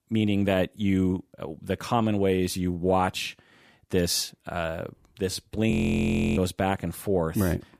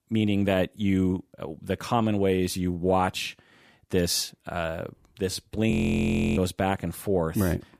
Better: neither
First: audio freezing; at 5.5 s for 0.5 s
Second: audio freezing; at 5.5 s for 0.5 s

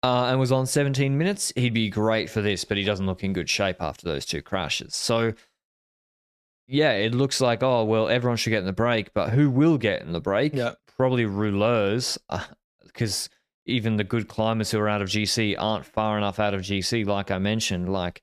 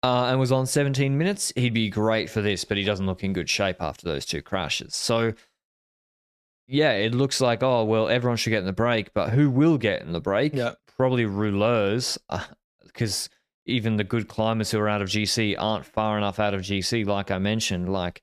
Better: neither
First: none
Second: none

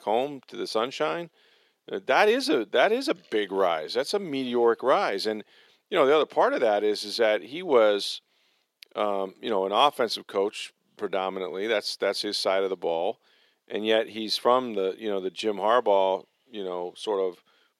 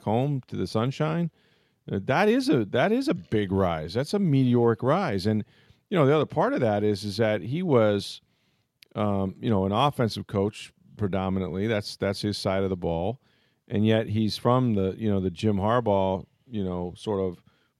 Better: second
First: thin; somewhat; fading below 400 Hz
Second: none

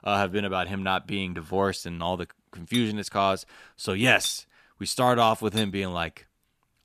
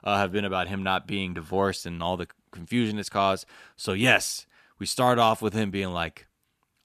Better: second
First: clattering dishes; noticeable; from 2.5 to 5.5 s; peak 7 dB below the speech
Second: none

